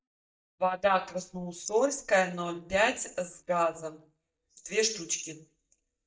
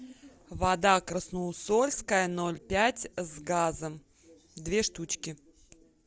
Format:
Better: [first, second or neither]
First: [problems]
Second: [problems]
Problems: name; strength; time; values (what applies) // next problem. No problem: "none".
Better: second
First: noise reduction (neural mask model DeepFilterNet 3)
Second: none